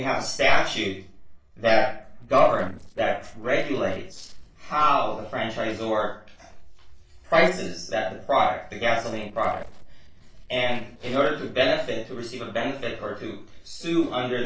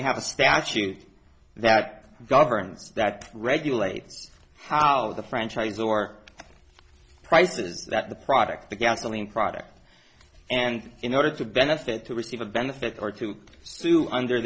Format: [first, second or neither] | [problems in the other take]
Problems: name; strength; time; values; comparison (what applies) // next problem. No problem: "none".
second | noise reduction (neural separator model SepFormer DNS4)